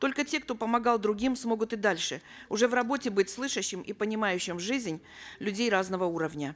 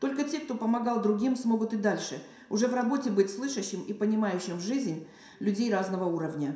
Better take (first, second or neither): first